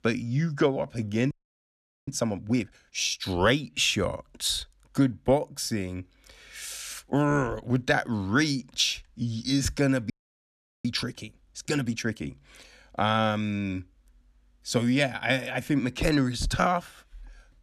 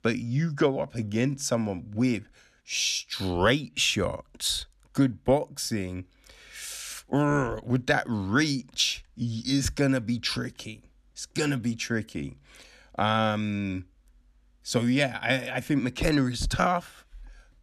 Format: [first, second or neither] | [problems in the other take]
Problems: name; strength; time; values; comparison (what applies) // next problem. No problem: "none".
second | audio freezing; at 1.5 s for 1 s and at 10 s for 0.5 s